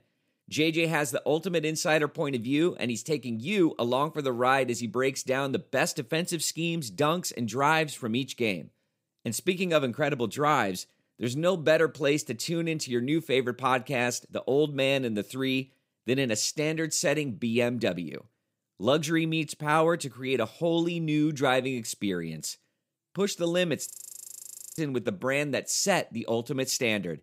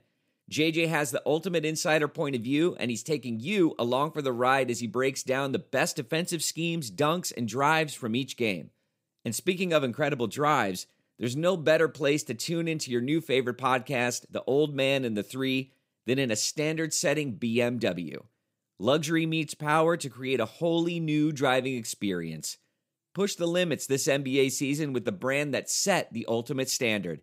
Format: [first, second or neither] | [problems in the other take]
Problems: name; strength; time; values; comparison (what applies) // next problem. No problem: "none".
second | audio freezing; at 24 s for 1 s